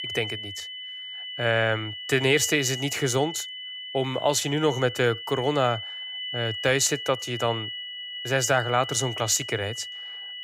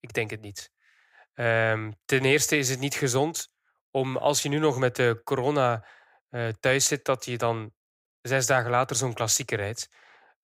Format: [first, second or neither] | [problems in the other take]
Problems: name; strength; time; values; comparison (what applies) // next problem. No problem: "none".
second | high-pitched whine; loud; throughout; 3 kHz, 8 dB below the speech